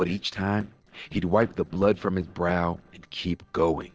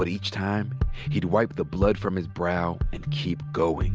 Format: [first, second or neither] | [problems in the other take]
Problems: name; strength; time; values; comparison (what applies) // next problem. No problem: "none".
second | noise reduction (neural separator model SepFormer DNS4)